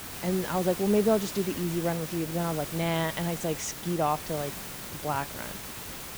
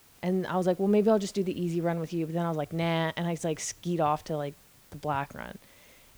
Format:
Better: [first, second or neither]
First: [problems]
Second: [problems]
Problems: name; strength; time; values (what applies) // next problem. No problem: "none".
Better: second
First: hiss; loud; throughout; 7 dB below the speech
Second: hiss; faint; throughout; 25 dB below the speech